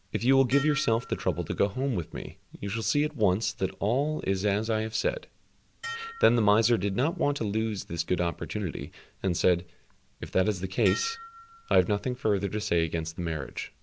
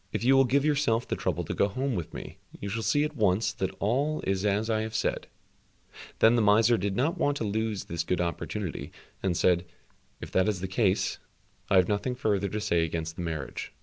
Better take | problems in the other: second | background sound (Dishes, pots, and pans); 17 dB below the speech

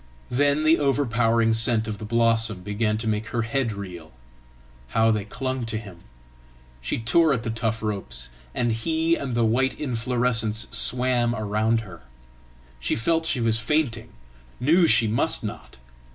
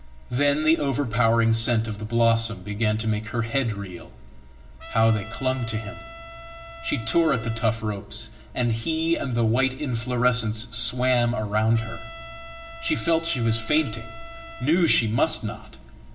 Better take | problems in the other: first | background sound (Trumpet); 16 dB below the speech // room echo; dies away in 1.3 s

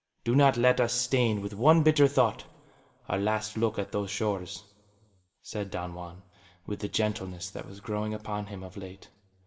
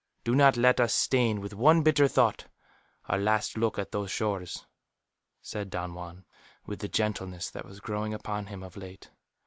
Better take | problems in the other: second | room echo; dies away in 1.1 s

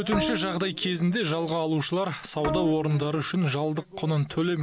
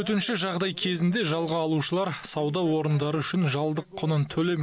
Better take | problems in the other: second | background sound (Bowed string instrument); 8 dB below the speech

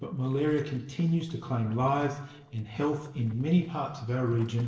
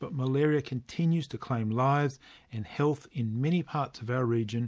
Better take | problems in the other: second | noise reduction (neural separator model SepFormer DNS4)

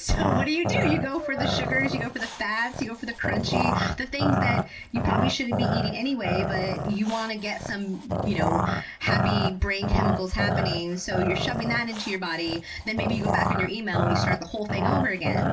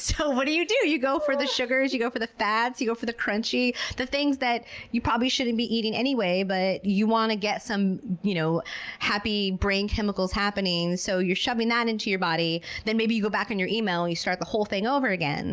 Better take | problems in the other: second | background sound (Growling); 1 dB above the speech // room echo; dies away in 0.2 s

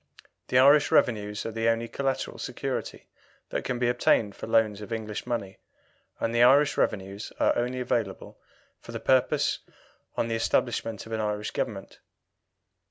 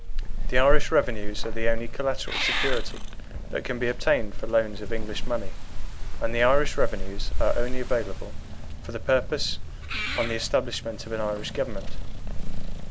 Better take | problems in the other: first | background sound (Meow / Purr); 5 dB above the speech

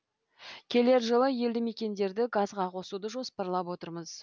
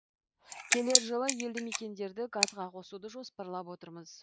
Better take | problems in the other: first | noise reduction (neural mask model Resemble Enhance denoiser)

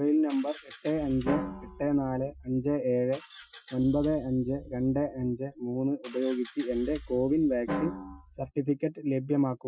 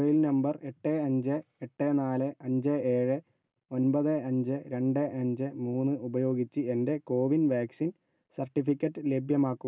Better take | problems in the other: second | noise reduction (classical method Wiener filter)

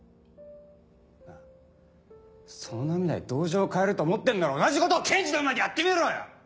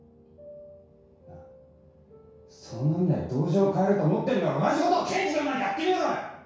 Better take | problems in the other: first | room echo; dies away in 0.6 s

